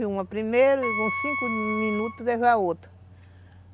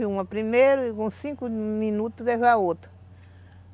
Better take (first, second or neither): second